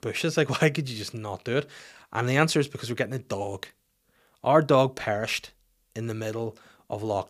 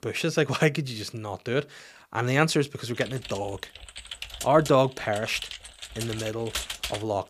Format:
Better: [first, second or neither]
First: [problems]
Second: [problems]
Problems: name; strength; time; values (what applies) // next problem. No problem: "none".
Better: first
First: none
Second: keyboard typing; noticeable; from 3 s on; peak 4 dB below the speech